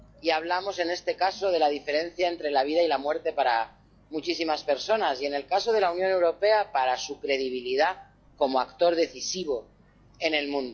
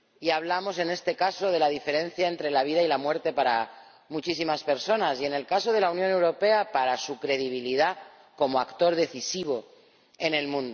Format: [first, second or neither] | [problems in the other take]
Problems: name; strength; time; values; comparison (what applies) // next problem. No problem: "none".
second | noise reduction (classical method log-MMSE)